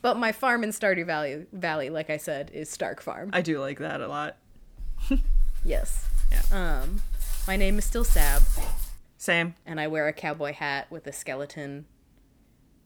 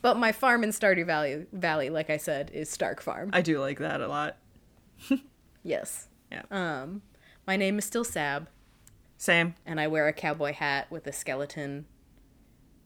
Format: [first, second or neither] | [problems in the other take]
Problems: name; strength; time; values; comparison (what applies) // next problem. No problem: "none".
second | dog barking; loud; from 5 to 9 s; peak 5 dB above the speech